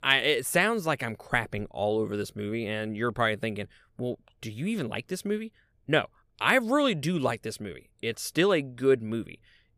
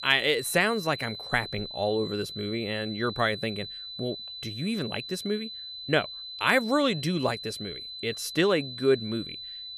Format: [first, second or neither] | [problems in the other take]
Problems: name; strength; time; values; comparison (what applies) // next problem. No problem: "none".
first | high-pitched whine; loud; throughout; 4 kHz, 9 dB below the speech